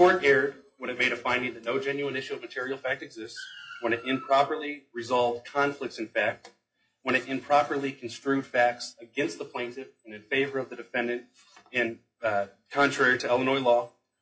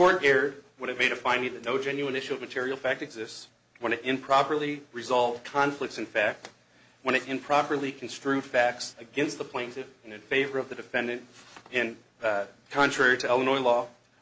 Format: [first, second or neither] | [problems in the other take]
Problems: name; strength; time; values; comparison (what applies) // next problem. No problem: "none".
second | noise reduction (classical method WPE with log-MMSE)